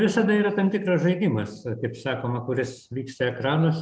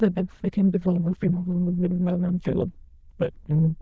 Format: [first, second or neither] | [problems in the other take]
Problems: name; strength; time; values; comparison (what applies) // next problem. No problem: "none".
first | noise reduction (neural diffusion model UNIVERSE++)